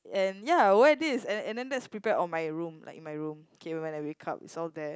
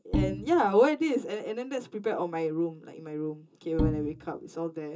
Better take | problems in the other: first | background sound (Bowed string instrument); 3 dB below the speech // room echo; dies away in 0.2 s

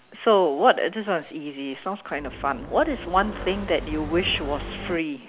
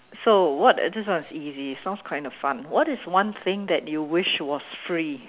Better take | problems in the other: second | background sound (Motorcycle); 10 dB below the speech

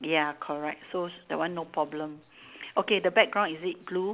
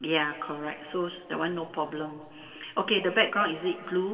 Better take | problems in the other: first | room echo; dies away in 1.8 s

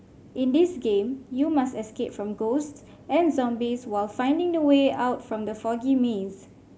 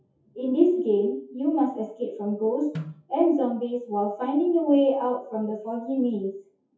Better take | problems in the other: first | noise reduction (classical method WPE with log-MMSE)

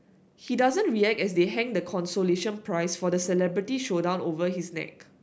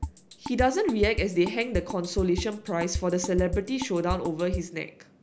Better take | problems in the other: first | background sound (Drum kit); 7 dB below the speech

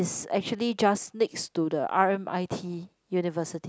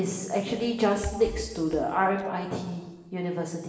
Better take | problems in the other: first | background sound (Rattle / Breathing); 14 dB below the speech // room echo; dies away in 1.2 s

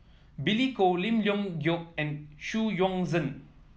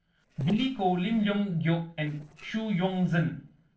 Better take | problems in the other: first | noise reduction (neural separator model SepFormer DNS4)

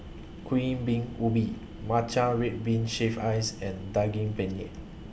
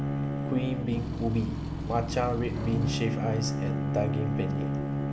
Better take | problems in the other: first | background sound (Bowed string instrument + Engine / Truck / Car); 1 dB above the speech

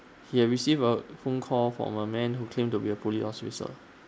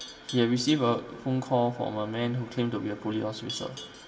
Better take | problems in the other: first | background sound (Livestock, farm animals, working animals); 18 dB below the speech // room echo; dies away in 1.6 s

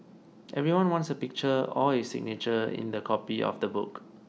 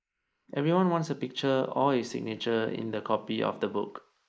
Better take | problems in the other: first | noise reduction (neural mask model Resemble Enhance denoiser)

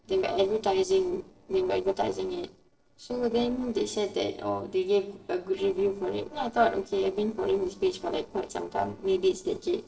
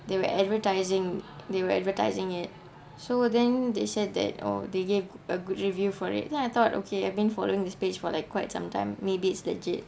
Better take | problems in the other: second | noise reduction (neural separator model SepFormer DNS4)

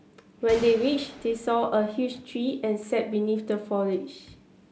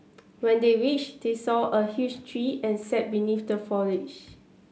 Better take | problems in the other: second | background sound (Gunshot, gunfire); 17 dB below the speech

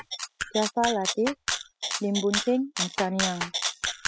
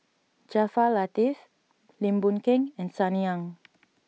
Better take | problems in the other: second | noise reduction (classical method spectral subtraction)

